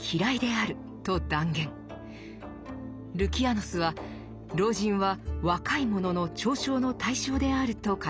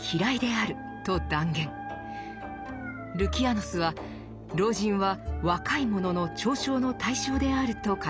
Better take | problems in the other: first | background sound (Dog); 14 dB below the speech

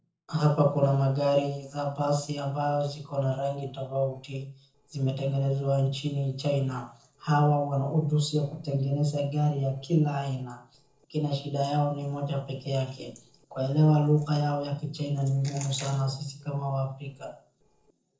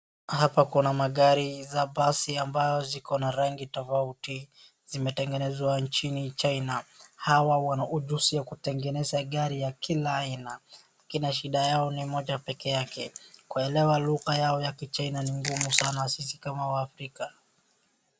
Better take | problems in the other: second | noise reduction (neural separator model SepFormer DNS4)

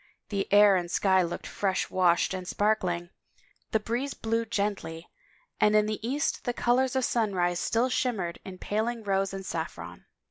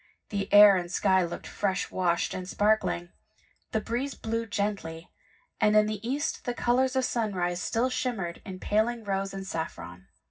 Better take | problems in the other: first | room echo; dies away in 0.4 s

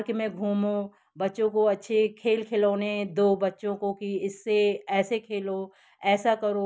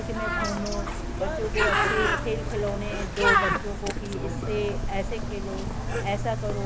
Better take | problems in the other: first | background sound (Bird); 4 dB above the speech

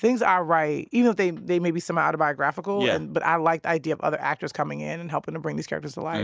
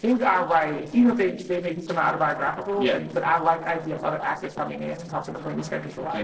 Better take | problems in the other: first | noise reduction (neural separator model SepFormer DNS4)

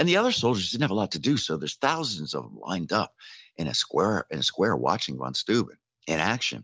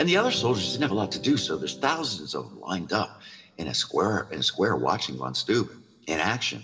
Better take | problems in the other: first | background sound (Electric guitar / Strum); 12 dB below the speech // room echo; dies away in 0.9 s

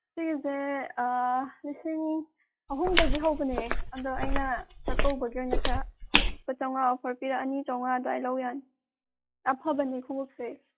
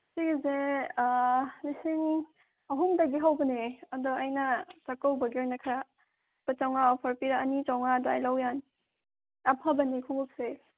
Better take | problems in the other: second | noise reduction (classical method log-MMSE)

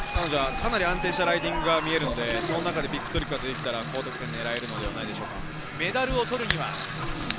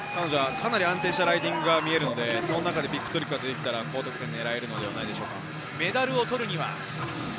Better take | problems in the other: second | background sound (Hands + Tools); 8 dB below the speech

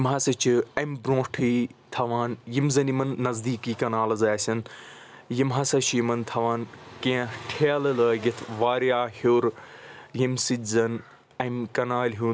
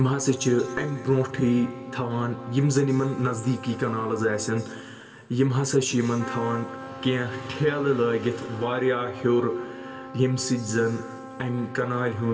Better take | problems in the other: first | background sound (Trumpet); 15 dB below the speech // room echo; dies away in 1.8 s

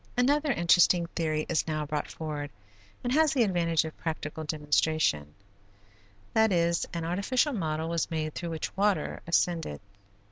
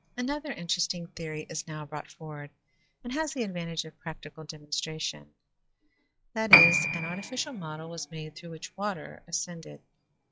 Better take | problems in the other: first | noise reduction (classical method log-MMSE)

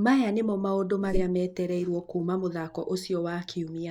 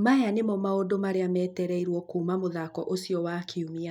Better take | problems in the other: second | noise reduction (neural mask model Resemble Enhance denoiser)

